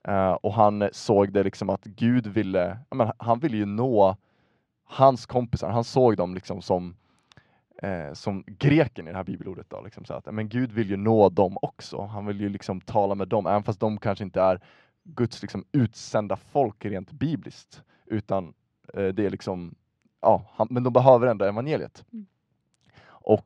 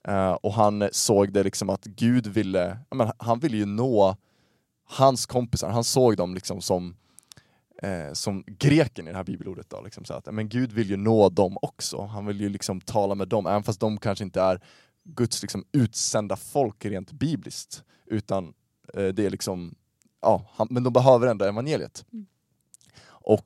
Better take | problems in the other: second | muffled; slightly; fading above 2.5 kHz

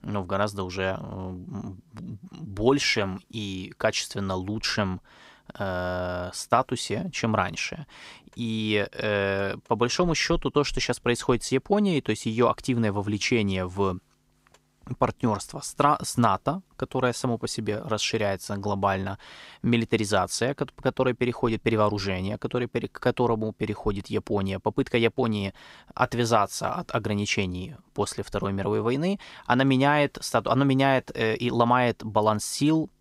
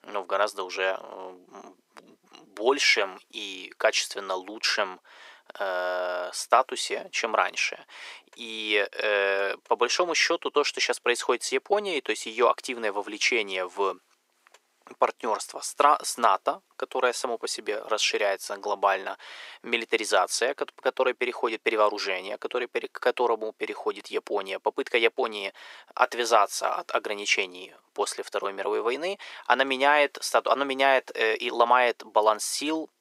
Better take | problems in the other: first | thin; very; fading below 400 Hz

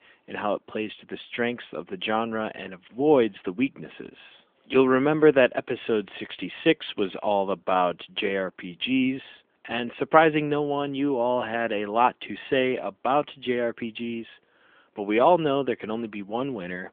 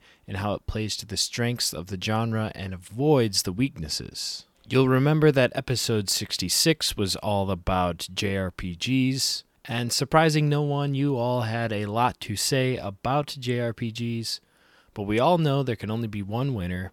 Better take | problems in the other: second | phone-call audio; nothing above 3.5 kHz

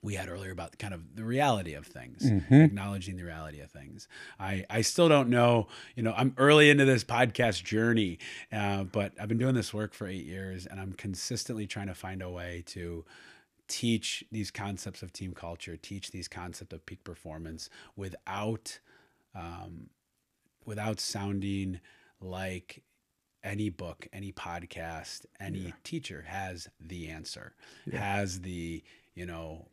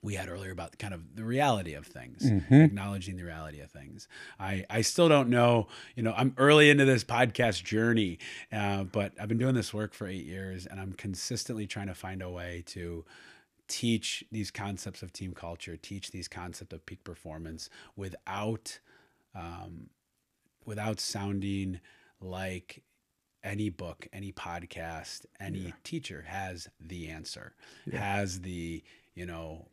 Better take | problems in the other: neither | none

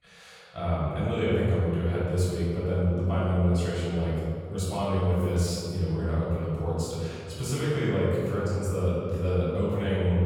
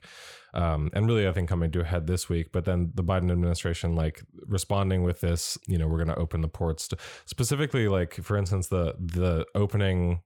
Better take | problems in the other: second | room echo; strong; dies away in 2.3 s // off-mic speech; far

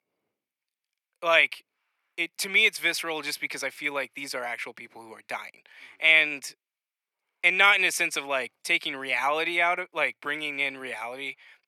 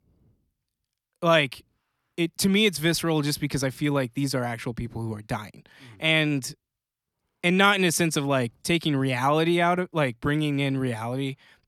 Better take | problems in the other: second | thin; very; fading below 600 Hz

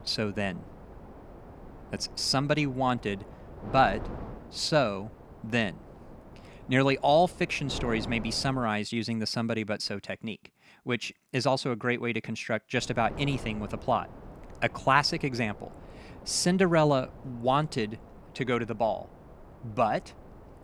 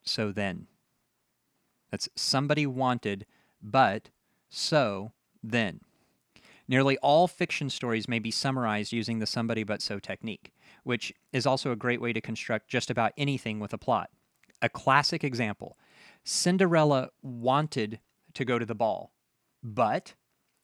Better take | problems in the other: second | wind noise on the microphone; occasional gusts; until 8.5 s and from 13 s on; 20 dB below the speech

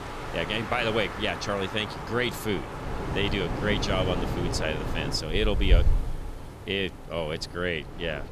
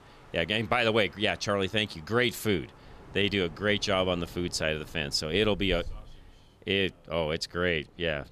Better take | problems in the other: second | wind in the background; loud; throughout; 3 dB below the speech; faint in the second

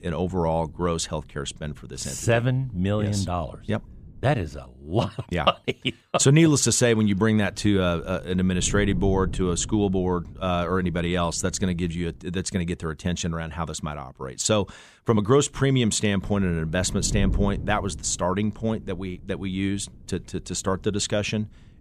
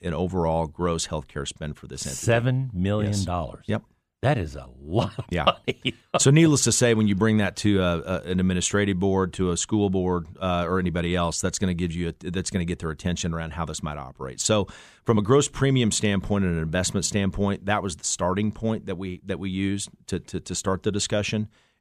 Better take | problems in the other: second | wind noise on the microphone; occasional gusts; until 4.5 s, from 7.5 to 12 s and from 16 s on; 20 dB below the speech

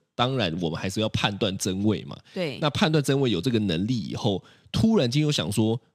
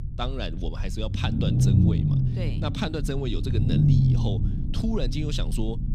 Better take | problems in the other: first | low rumble; loud; throughout; as loud as the speech

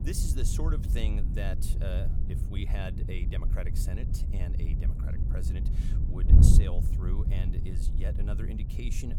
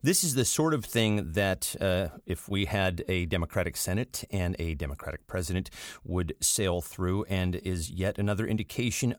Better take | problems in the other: second | wind noise on the microphone; heavy; 1 dB below the speech

